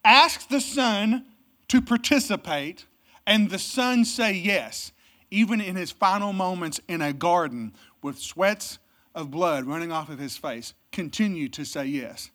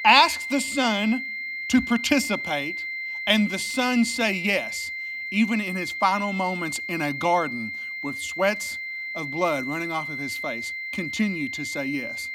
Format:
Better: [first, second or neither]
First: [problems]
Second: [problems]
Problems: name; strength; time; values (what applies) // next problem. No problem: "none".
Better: first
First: none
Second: high-pitched whine; loud; throughout; 2 kHz, 5 dB below the speech